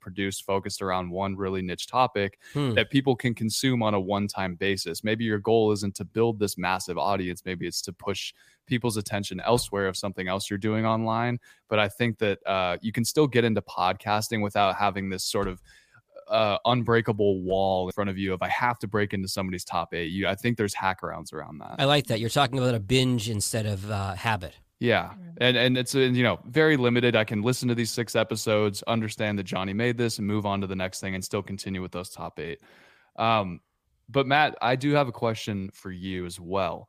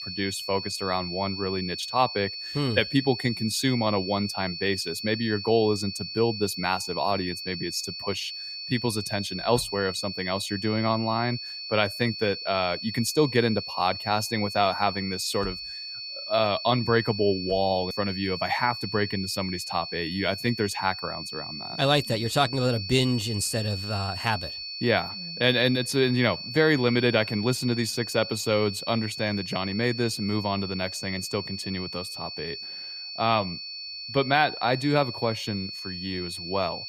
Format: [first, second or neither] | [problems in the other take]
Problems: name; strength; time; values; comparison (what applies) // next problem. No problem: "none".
first | high-pitched whine; loud; throughout; 4.5 kHz, 7 dB below the speech